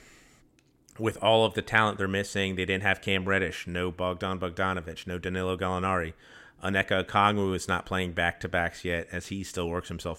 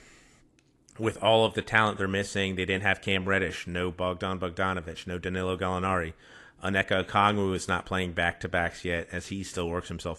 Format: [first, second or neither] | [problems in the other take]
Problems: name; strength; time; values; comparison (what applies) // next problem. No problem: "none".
first | garbled, watery; slightly